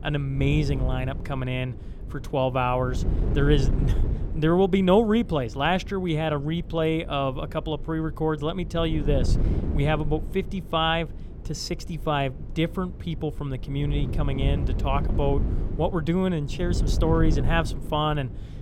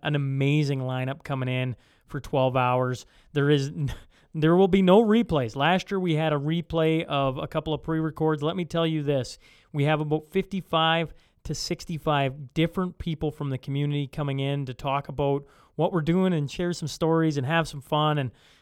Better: second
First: wind noise on the microphone; occasional gusts; 15 dB below the speech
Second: none

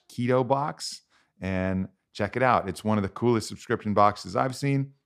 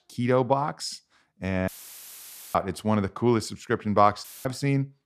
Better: first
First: none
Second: audio cutting out; filled with static; at 1.5 s for 1 s and at 4 s

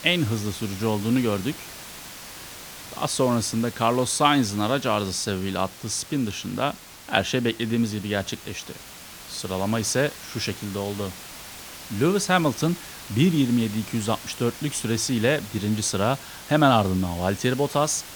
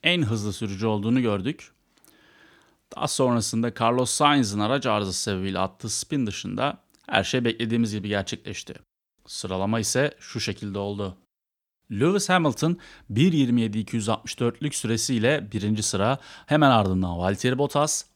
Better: second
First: hiss; noticeable; throughout; 15 dB below the speech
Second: none

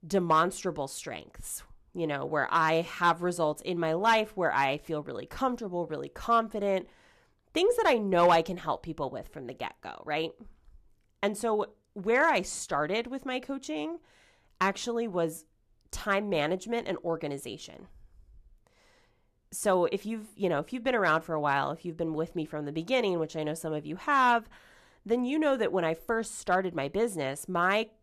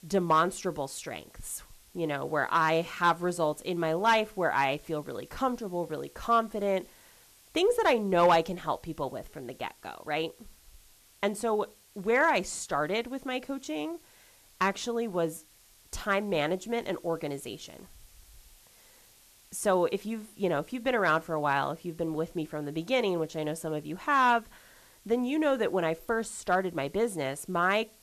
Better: first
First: none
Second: hiss; faint; throughout; 25 dB below the speech

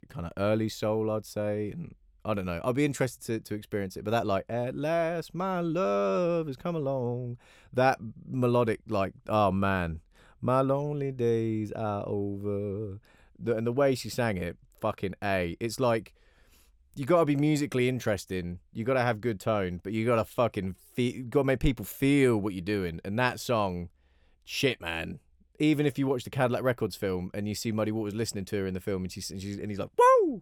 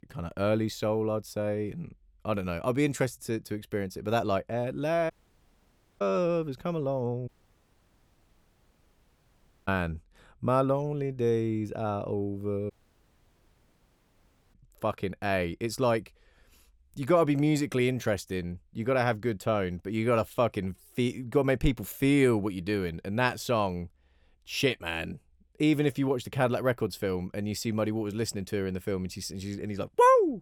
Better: first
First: none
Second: audio cutting out; at 5 s for 1 s, at 7.5 s for 2.5 s and at 13 s for 2 s

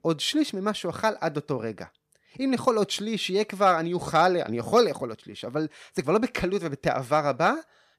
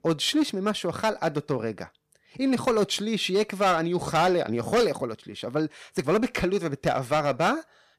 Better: first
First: none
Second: distortion; slight; 5% of the sound clipped

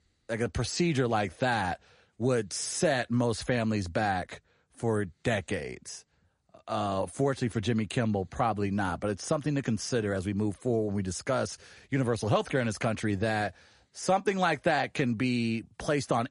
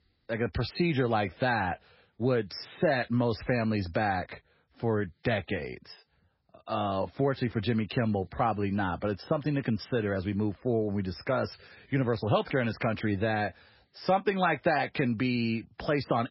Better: first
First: garbled, watery; slightly; nothing above 10.5 kHz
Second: garbled, watery; badly; nothing above 5.5 kHz

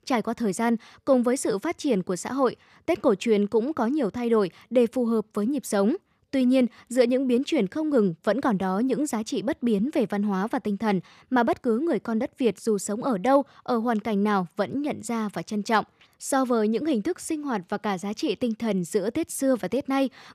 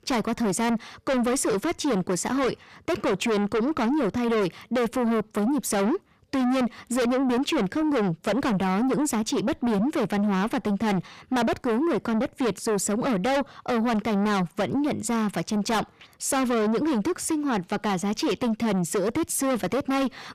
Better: first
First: none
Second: distortion; heavy; 6 dB below the speech

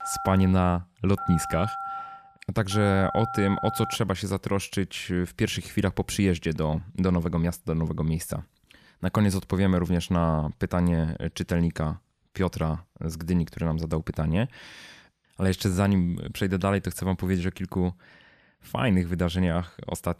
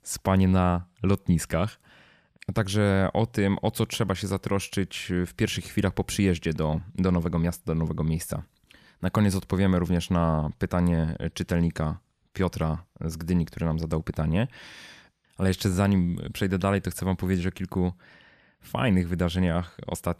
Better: second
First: phone ringing; noticeable; until 4 s; peak 6 dB below the speech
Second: none

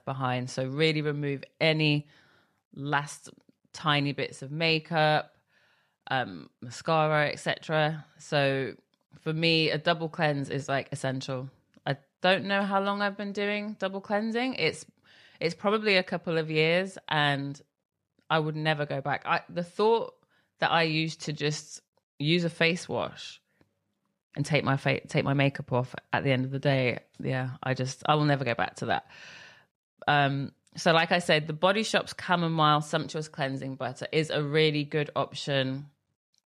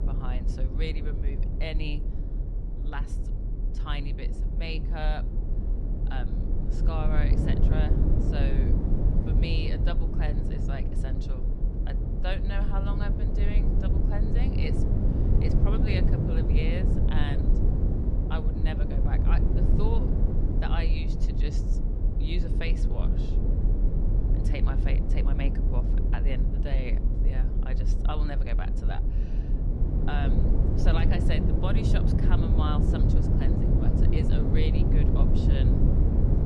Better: first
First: none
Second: low rumble; loud; throughout; as loud as the speech

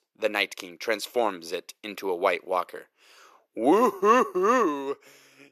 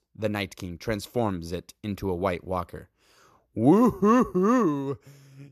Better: second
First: thin; somewhat; fading below 400 Hz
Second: none

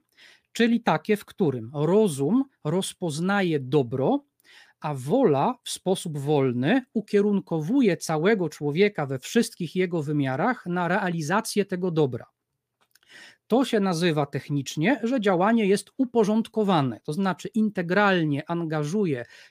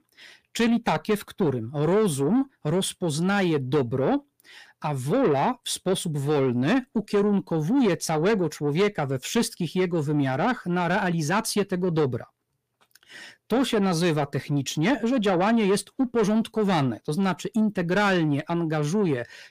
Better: first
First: none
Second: distortion; slight; 10 dB below the speech

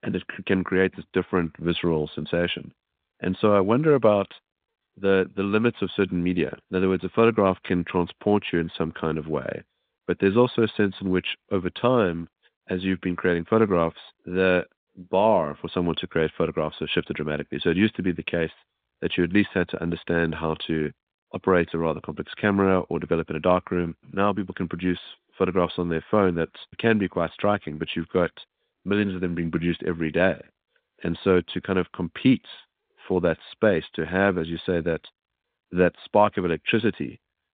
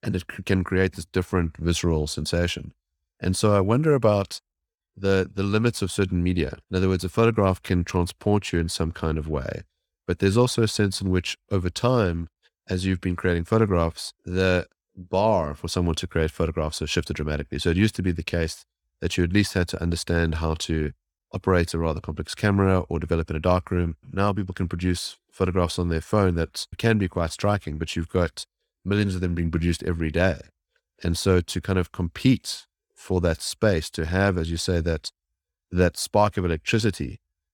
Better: second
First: phone-call audio; nothing above 3.5 kHz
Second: none

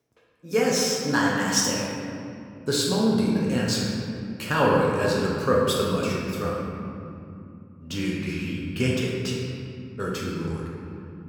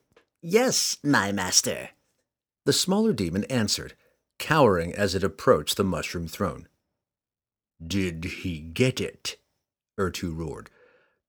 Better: second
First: room echo; noticeable; dies away in 2.6 s // off-mic speech; far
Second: none

